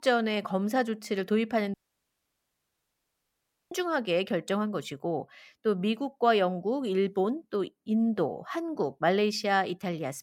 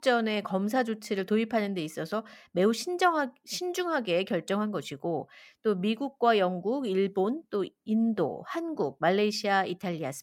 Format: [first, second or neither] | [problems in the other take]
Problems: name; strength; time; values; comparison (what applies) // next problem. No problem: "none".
second | audio cutting out; at 1.5 s for 2 s